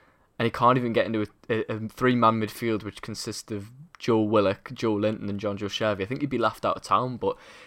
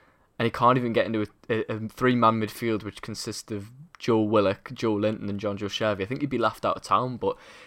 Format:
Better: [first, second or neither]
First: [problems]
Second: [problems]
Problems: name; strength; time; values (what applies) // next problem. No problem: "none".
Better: neither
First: none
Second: none